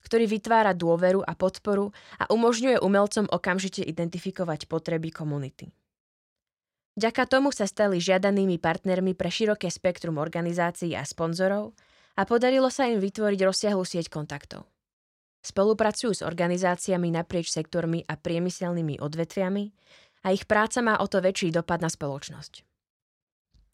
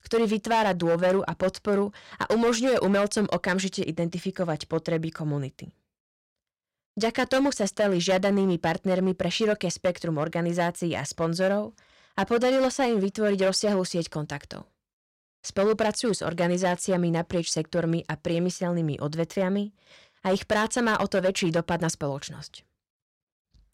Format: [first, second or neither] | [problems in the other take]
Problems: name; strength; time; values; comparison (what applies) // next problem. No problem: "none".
first | distortion; slight; 6% of the sound clipped